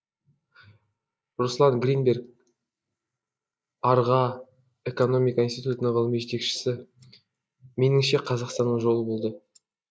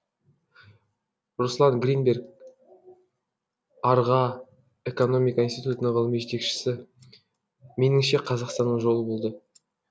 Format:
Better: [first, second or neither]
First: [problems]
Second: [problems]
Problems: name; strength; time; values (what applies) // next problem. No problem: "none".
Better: second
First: noise reduction (neural mask model Resemble Enhance denoiser)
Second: none